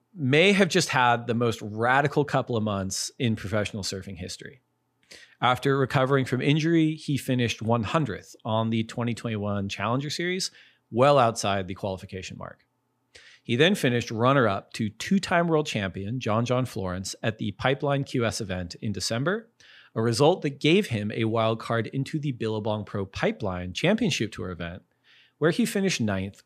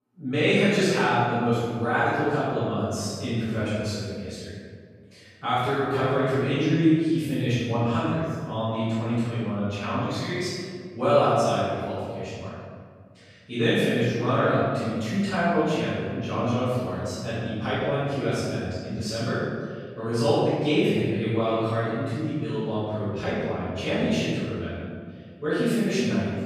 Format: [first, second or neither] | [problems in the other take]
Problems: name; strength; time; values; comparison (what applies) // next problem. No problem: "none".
first | off-mic speech; far // room echo; strong; dies away in 1.8 s